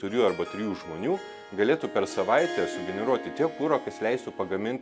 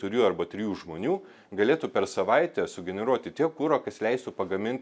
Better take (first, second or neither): second